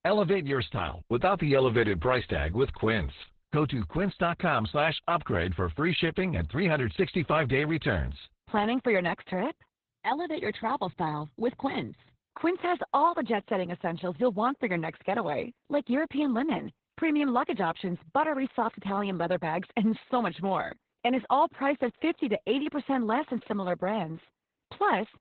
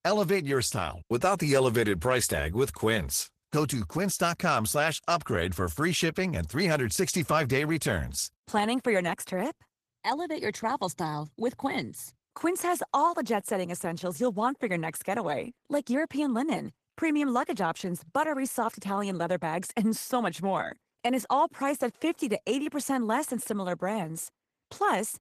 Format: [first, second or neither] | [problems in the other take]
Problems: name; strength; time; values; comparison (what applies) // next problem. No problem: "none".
second | garbled, watery; badly; nothing above 4 kHz; slightly in the second